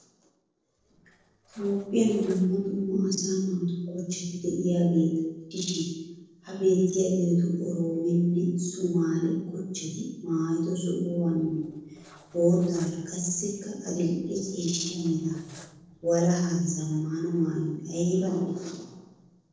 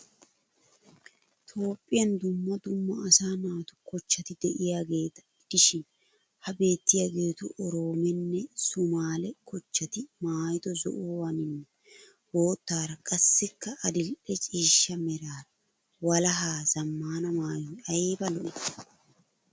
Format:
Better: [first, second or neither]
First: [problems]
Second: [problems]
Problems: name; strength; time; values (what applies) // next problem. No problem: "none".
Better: second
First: noise reduction (neural separator model SepFormer DNS4)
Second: none